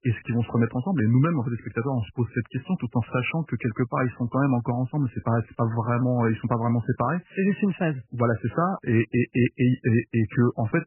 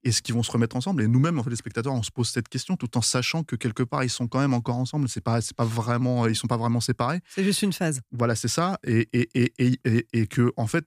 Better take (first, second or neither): second